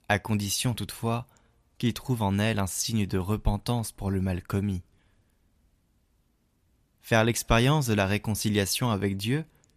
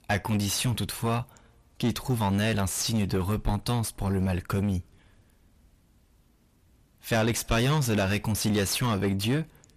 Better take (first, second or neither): first